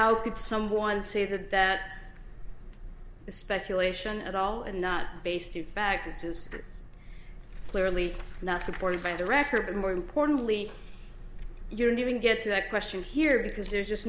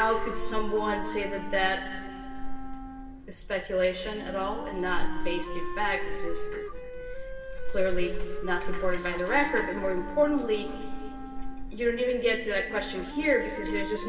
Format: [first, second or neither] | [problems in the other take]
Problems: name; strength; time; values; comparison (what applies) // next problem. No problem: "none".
first | background sound (Wind instrument, woodwind instrument); 12 dB below the speech // room echo; dies away in 2.4 s